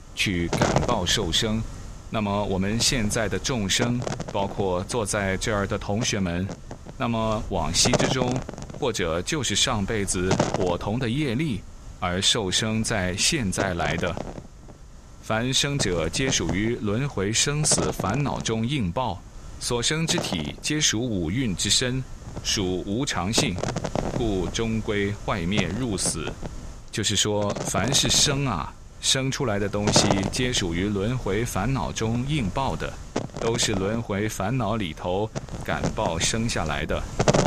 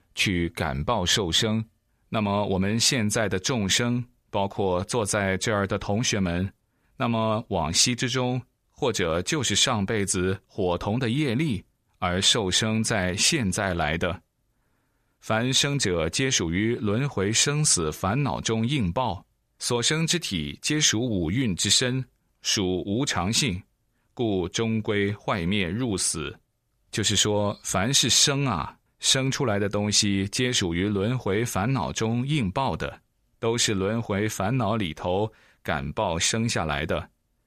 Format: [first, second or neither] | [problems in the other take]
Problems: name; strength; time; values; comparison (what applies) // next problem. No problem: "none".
second | wind noise on the microphone; heavy; 7 dB below the speech